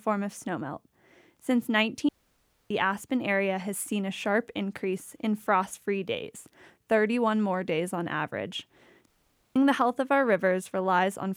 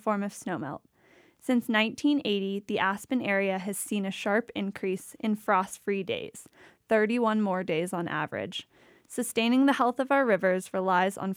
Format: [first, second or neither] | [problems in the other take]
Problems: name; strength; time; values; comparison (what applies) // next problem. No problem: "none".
second | audio cutting out; at 2 s for 0.5 s and at 9 s